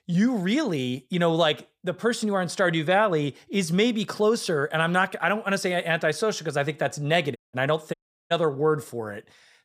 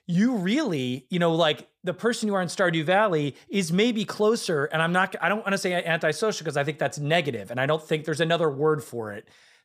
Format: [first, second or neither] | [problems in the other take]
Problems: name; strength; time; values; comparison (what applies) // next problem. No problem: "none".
second | audio cutting out; at 7.5 s and at 8 s